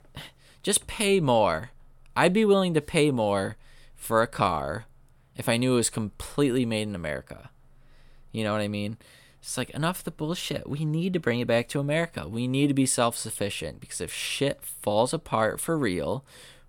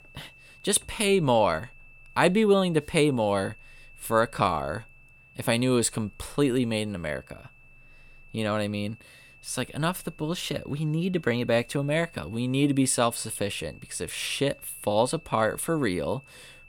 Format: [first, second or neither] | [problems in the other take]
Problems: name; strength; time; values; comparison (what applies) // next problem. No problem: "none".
first | high-pitched whine; faint; throughout; 2.5 kHz, 25 dB below the speech